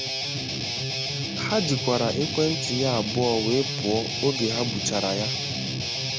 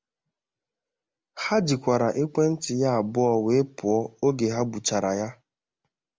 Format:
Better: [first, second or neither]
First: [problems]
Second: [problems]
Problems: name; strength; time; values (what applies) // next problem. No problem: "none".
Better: second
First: background sound (Guitar); 1 dB below the speech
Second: none